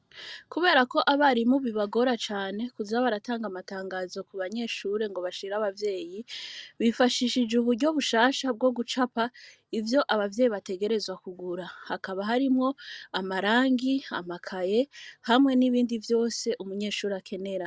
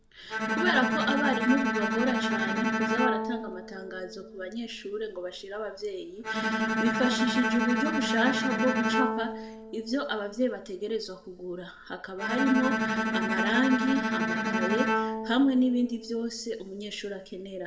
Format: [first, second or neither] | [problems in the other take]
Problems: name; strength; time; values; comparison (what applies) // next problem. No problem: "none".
first | background sound (Bowed string instrument); as loud as the speech // room echo; dies away in 0.8 s